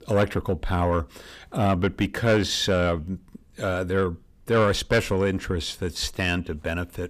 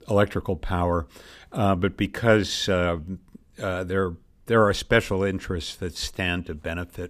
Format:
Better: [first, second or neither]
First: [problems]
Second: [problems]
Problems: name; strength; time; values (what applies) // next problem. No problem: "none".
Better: second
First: distortion; slight; 10 dB below the speech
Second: none